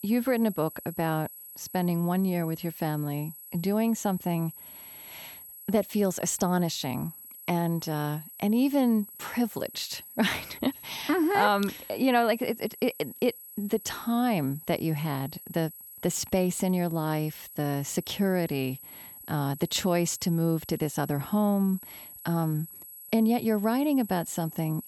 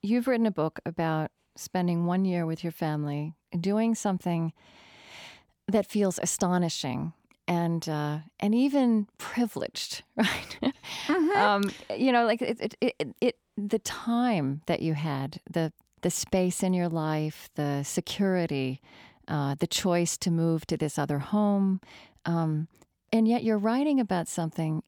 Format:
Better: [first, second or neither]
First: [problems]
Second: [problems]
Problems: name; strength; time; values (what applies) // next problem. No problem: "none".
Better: second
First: high-pitched whine; noticeable; throughout; 11.5 kHz, 15 dB below the speech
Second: none